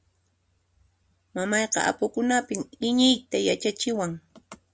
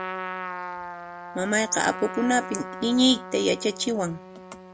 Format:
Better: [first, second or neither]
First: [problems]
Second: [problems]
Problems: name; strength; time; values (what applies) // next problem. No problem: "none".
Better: first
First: none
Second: background sound (Trumpet); 10 dB below the speech